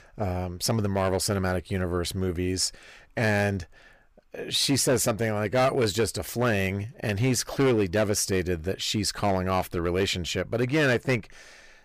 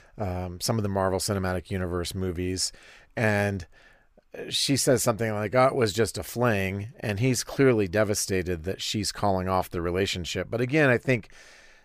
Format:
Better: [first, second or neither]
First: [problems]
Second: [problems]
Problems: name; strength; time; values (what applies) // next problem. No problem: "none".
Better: second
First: distortion; slight; 5% of the sound clipped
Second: none